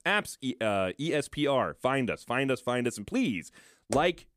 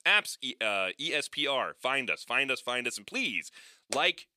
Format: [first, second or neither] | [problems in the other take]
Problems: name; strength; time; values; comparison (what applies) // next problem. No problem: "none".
first | thin; somewhat; fading below 950 Hz